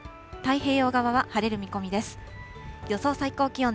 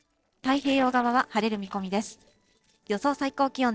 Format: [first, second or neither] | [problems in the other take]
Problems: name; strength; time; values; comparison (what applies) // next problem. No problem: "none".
first | noise reduction (neural separator model SepFormer DNS4)